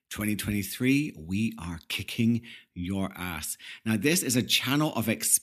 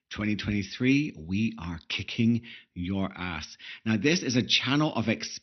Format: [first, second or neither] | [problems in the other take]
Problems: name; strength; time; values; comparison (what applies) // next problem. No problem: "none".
first | garbled, watery; slightly; nothing above 6 kHz